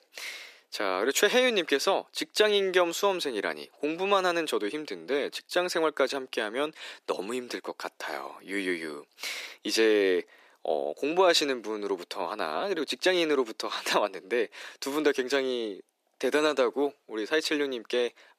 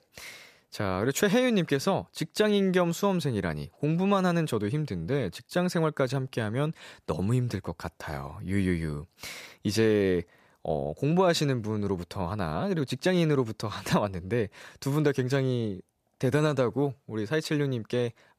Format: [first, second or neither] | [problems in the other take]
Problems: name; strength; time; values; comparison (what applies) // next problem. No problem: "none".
second | thin; somewhat; fading below 300 Hz